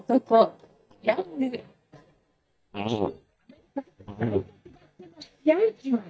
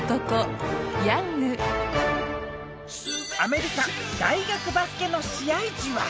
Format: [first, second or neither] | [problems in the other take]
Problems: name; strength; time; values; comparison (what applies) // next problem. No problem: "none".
second | noise reduction (neural mask model DeepFilterNet 3)